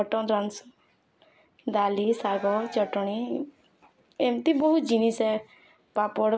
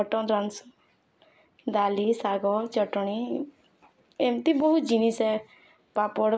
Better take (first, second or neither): second